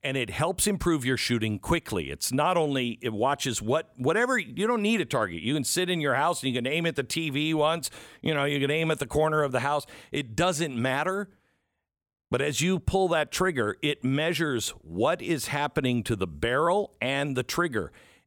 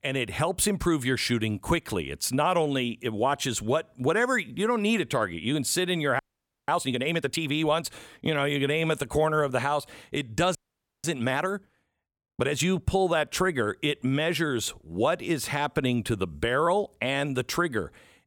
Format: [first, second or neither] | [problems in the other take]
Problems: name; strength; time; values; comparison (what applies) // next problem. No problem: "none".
first | audio freezing; at 6 s and at 11 s